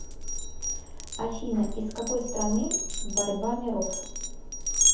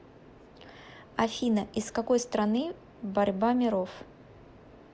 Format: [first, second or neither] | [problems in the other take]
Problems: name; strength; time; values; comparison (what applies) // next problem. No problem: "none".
second | background sound (Glass); 2 dB above the speech // room echo; dies away in 0.6 s